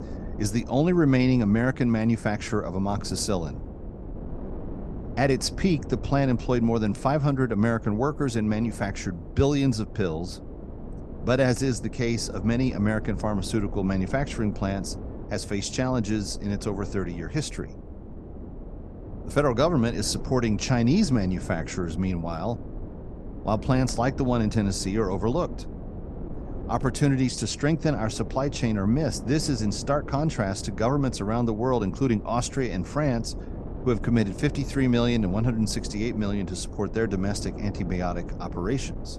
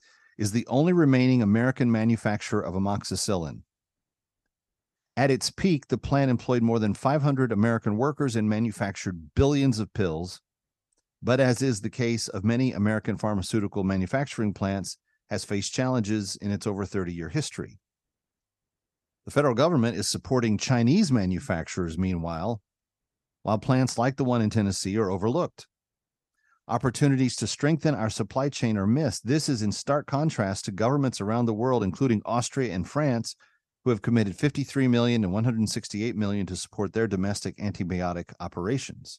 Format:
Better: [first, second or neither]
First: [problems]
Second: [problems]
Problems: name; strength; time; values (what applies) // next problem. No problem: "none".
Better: second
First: wind noise on the microphone; occasional gusts; 15 dB below the speech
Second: none